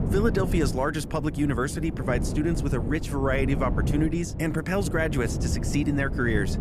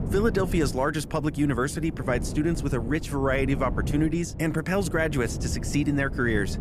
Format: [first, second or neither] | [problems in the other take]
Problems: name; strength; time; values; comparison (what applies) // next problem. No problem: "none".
second | wind noise on the microphone; heavy; 10 dB below the speech; occasional gusts in the second